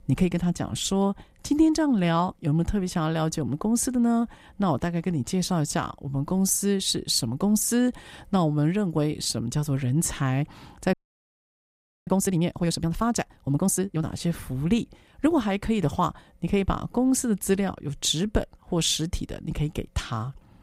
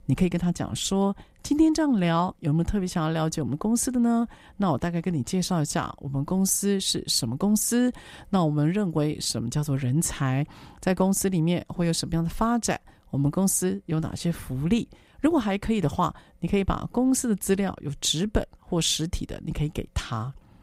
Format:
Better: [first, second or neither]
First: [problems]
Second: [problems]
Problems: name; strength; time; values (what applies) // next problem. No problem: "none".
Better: second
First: audio freezing; at 11 s for 1 s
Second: none